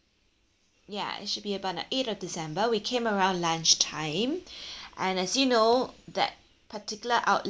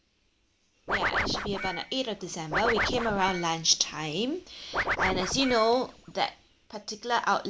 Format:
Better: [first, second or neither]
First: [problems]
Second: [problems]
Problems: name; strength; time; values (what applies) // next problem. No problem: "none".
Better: first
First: none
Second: background sound (Scratching (performance technique)); 2 dB below the speech